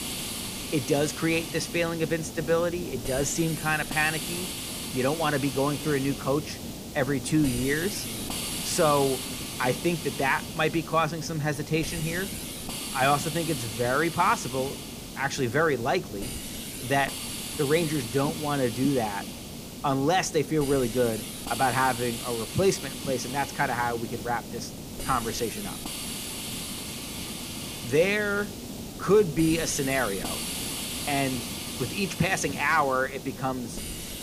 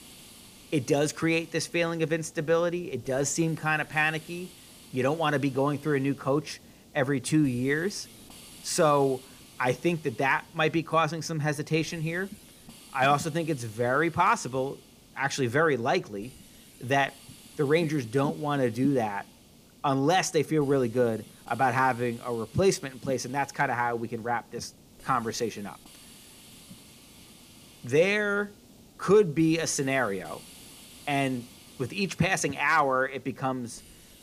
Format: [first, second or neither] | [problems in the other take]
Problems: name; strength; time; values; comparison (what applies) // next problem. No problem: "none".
second | hiss; loud; throughout; 7 dB below the speech; faint in the second